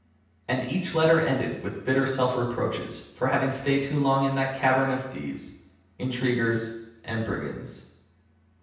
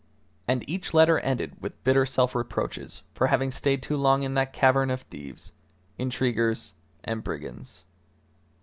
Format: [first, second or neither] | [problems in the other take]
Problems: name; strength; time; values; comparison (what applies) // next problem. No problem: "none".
second | room echo; dies away in 0.9 s